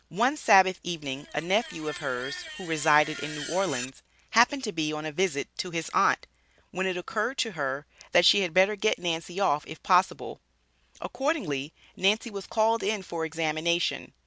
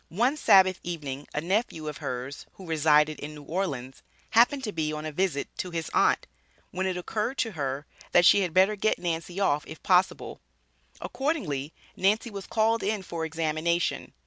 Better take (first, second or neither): second